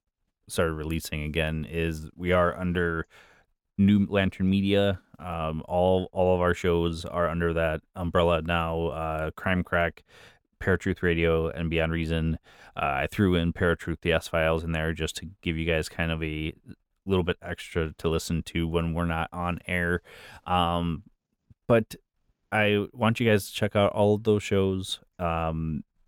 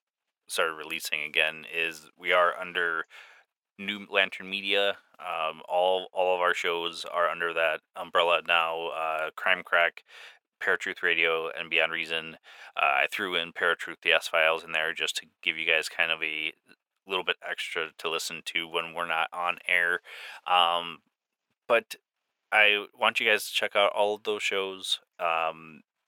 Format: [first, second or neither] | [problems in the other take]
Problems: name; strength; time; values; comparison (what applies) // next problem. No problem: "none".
first | thin; very; fading below 750 Hz